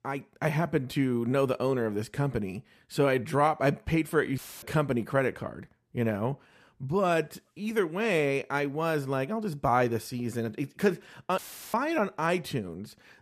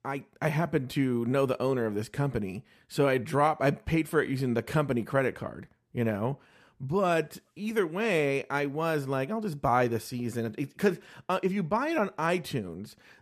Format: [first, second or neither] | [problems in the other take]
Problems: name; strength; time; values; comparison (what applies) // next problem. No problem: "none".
second | audio cutting out; filled with static; at 4.5 s and at 11 s